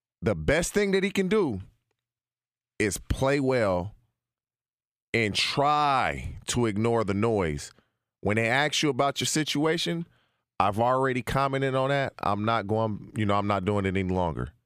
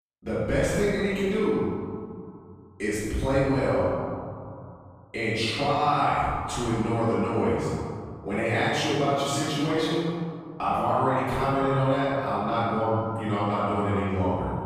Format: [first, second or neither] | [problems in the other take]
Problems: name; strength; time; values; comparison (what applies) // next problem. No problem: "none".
first | off-mic speech; far // room echo; strong; dies away in 2.3 s